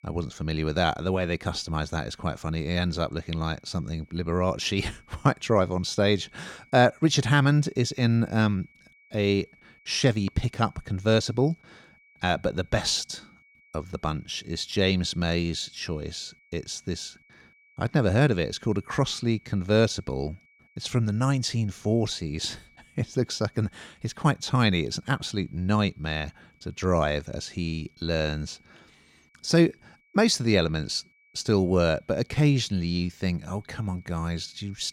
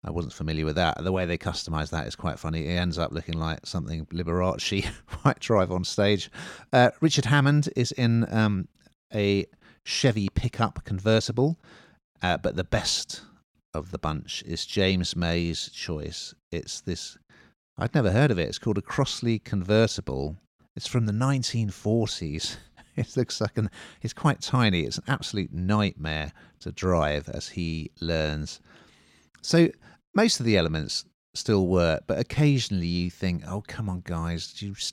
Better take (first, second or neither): second